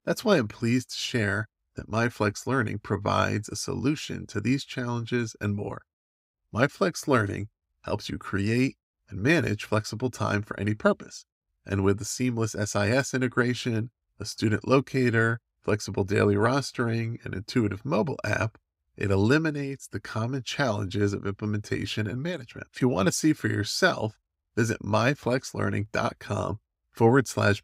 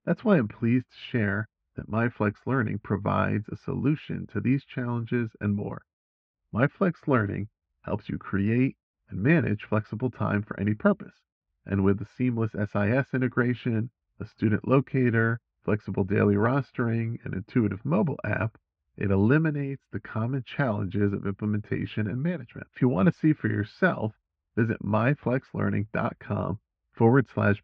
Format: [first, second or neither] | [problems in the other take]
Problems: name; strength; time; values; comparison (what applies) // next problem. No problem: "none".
first | muffled; very; fading above 2.5 kHz